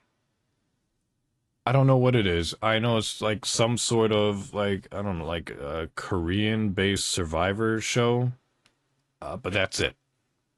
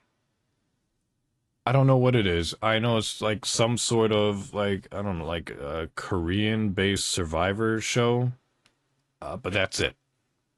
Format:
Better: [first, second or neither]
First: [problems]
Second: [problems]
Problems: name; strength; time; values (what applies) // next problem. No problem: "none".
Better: neither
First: garbled, watery; slightly; nothing above 11.5 kHz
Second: garbled, watery; slightly; nothing above 11.5 kHz